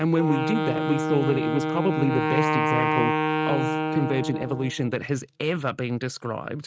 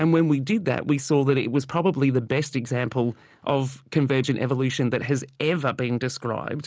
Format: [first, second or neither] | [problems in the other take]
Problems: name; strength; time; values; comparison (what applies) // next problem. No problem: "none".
second | noise reduction (neural mask model RNNoise)